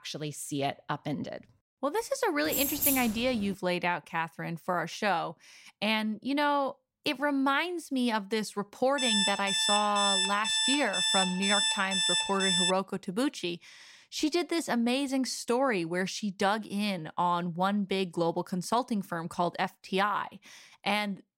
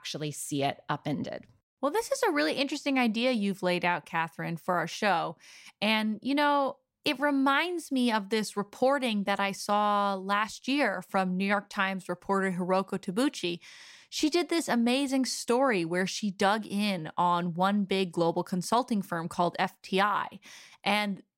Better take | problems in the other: second | jangling keys; loud; at 2.5 s; peak 4 dB above the speech // alarm; loud; from 9 to 13 s; peak 5 dB above the speech

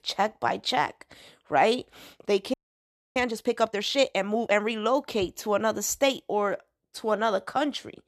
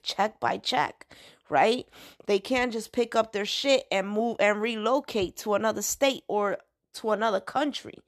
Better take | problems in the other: second | audio freezing; at 2.5 s for 0.5 s

